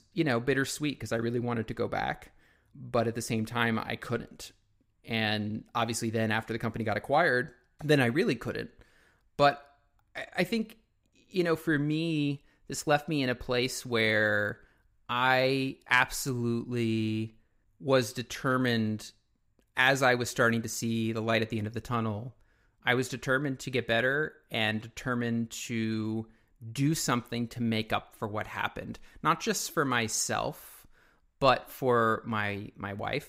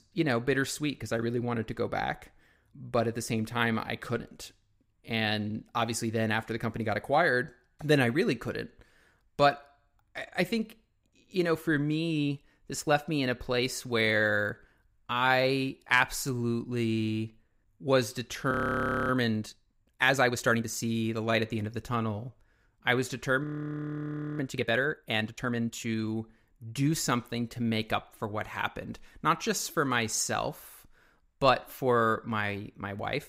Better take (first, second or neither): first